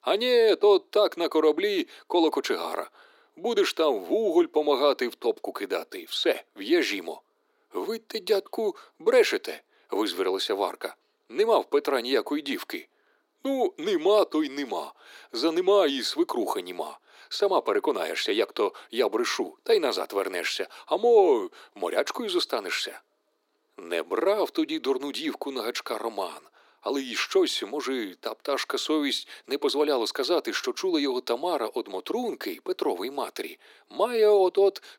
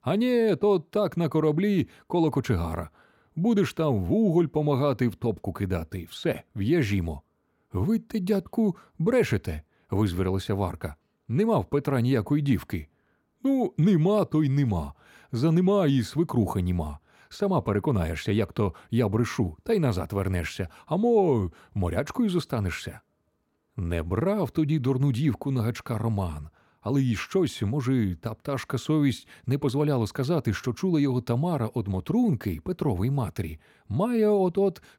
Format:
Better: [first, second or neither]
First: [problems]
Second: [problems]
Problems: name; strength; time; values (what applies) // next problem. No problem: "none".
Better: second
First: thin; very; fading below 350 Hz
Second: none